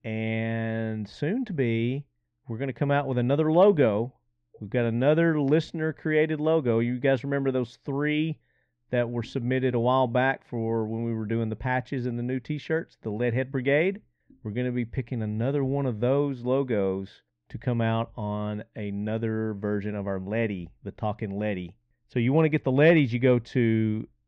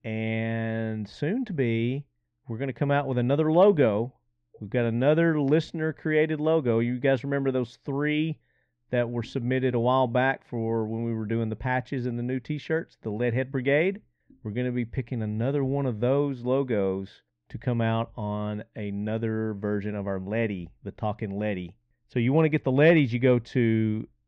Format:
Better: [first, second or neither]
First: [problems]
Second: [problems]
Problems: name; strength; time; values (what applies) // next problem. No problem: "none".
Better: neither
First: muffled; slightly; fading above 2.5 kHz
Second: muffled; slightly; fading above 2.5 kHz